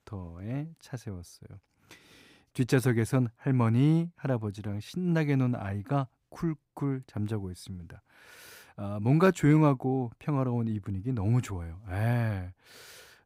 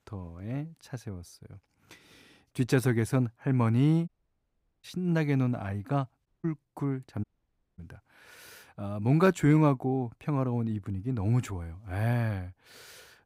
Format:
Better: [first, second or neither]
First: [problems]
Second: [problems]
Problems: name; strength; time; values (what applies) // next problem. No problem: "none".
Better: first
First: none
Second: audio cutting out; at 4 s for 1 s, at 6.5 s and at 7 s for 0.5 s